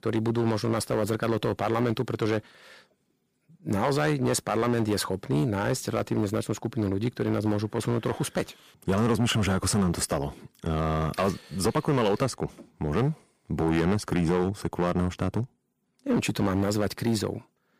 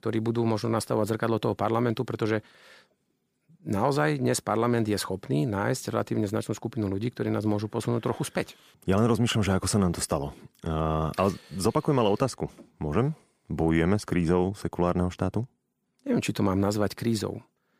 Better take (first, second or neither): second